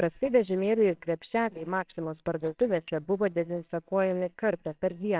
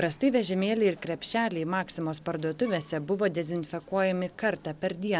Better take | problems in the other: second | noise reduction (neural separator model SepFormer WHAMR!)

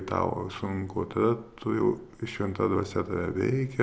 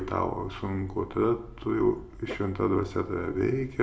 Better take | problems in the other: first | background sound (Dog); 17 dB below the speech // room echo; dies away in 0.6 s

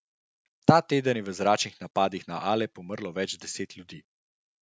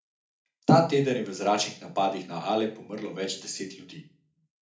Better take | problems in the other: first | room echo; dies away in 0.4 s

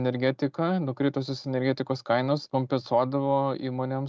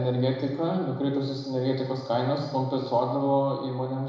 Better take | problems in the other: first | room echo; dies away in 1 s

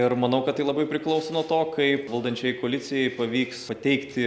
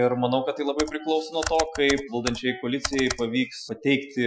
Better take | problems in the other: first | noise reduction (classical method Wiener filter)

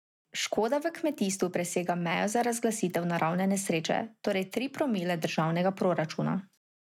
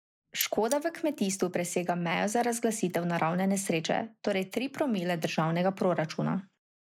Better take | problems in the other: first | noise reduction (neural mask model Resemble Enhance denoiser)

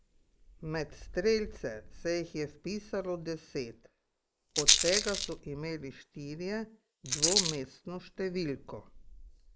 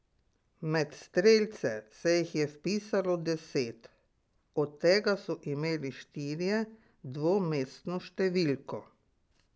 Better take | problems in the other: second | noise reduction (neural mask model Resemble Enhance denoiser)

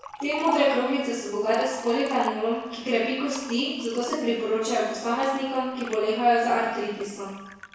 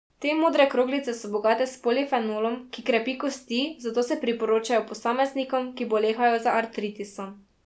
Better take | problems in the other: second | background sound (Liquid); 14 dB below the speech // room echo; dies away in 1 s

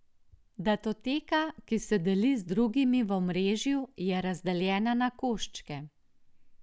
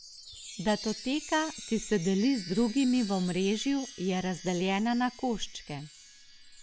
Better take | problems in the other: first | background sound (Chime); 15 dB below the speech

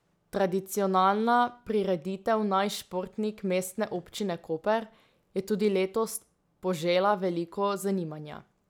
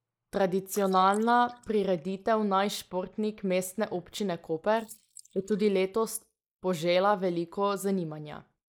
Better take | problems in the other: first | noise reduction (neural mask model Resemble Enhance denoiser)

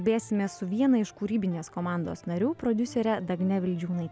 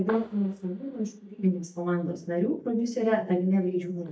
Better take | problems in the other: first | noise reduction (neural mask model DeepFilterNet 3)

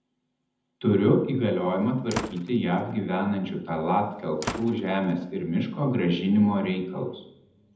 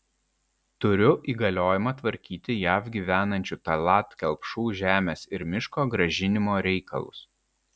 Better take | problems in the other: second | background sound (Slam); 14 dB below the speech // room echo; dies away in 0.8 s

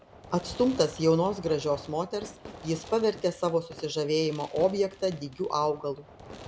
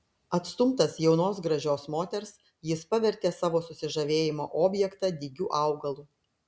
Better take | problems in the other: second | background sound (Fireworks); 17 dB below the speech

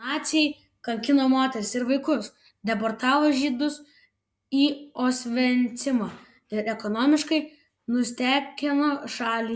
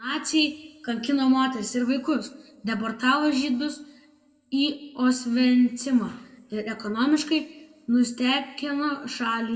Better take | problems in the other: first | room echo; dies away in 0.8 s

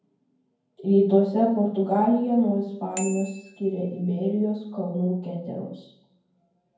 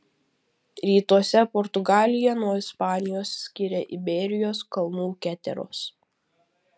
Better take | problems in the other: second | background sound (Bicycle bell); 18 dB below the speech // room echo; dies away in 0.9 s

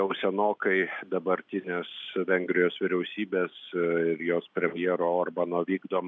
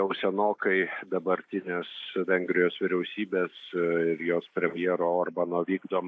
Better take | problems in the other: first | noise reduction (neural mask model Resemble Enhance denoiser)

